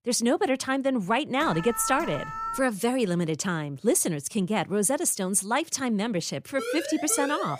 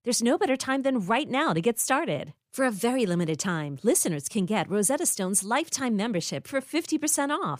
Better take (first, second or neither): second